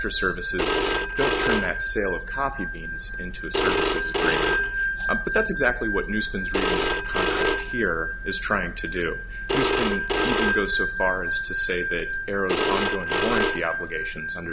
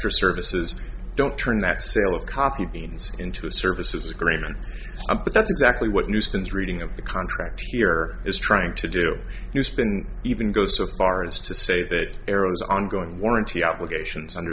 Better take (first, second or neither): second